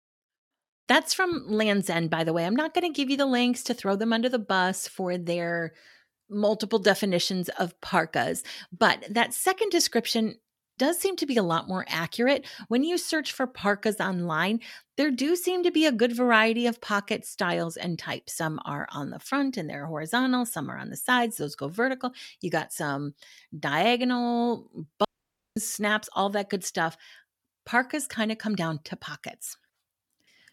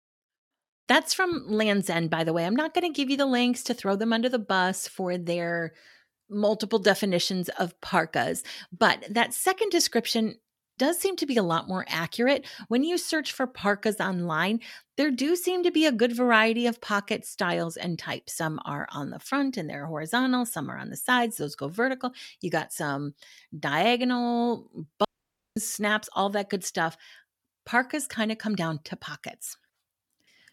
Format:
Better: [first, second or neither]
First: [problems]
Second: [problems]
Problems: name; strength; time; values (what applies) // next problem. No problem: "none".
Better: neither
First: audio cutting out; at 25 s for 0.5 s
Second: audio cutting out; at 25 s for 0.5 s